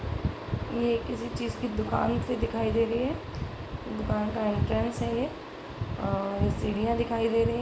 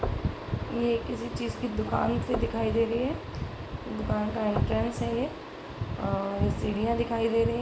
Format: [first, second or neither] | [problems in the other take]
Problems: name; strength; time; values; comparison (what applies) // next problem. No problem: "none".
first | background sound (Knock / Wood); 13 dB below the speech